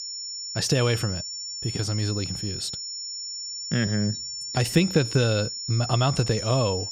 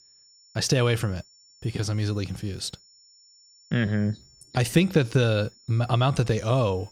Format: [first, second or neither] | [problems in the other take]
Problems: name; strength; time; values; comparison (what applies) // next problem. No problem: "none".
second | high-pitched whine; loud; throughout; 5.5 kHz, 5 dB below the speech; faint in the second